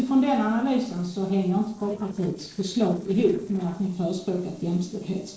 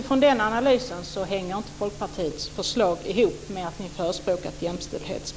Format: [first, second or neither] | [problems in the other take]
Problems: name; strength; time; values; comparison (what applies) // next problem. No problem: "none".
second | noise reduction (neural separator model SepFormer DNS4)